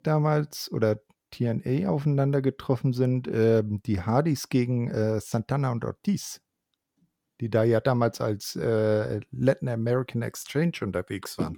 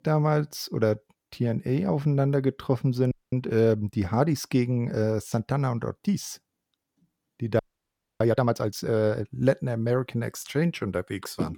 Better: first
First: none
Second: audio freezing; at 3 s and at 7.5 s for 0.5 s

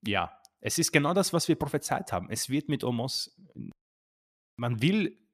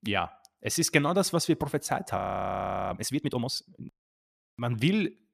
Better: first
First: none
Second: audio freezing; at 2 s for 0.5 s

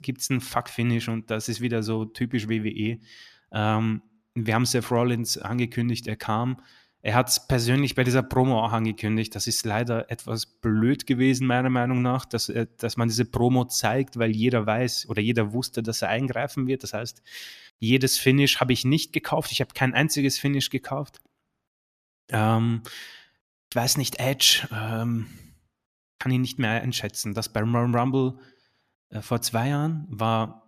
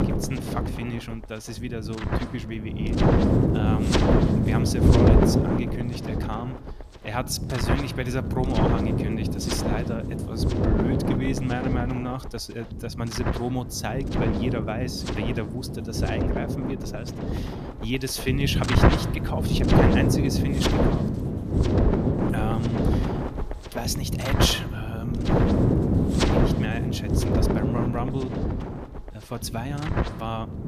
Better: first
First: none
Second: wind noise on the microphone; heavy; 4 dB above the speech

